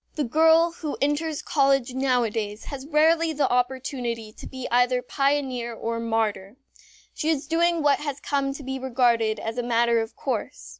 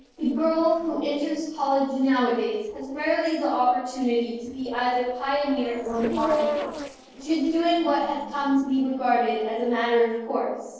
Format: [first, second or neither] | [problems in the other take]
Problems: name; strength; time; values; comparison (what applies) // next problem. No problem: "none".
first | noise reduction (neural separator model SepFormer DNS4)